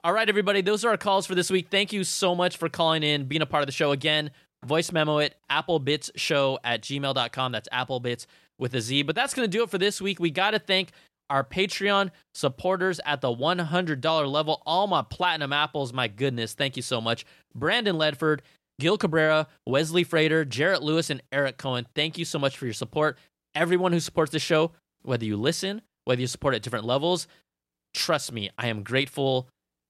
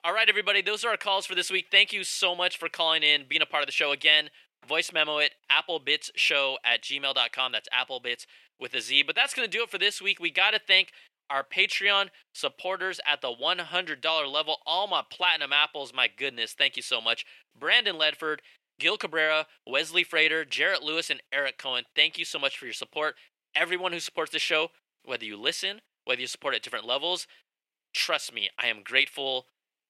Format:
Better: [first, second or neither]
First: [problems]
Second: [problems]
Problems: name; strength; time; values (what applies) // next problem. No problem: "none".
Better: first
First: none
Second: thin; very; fading below 450 Hz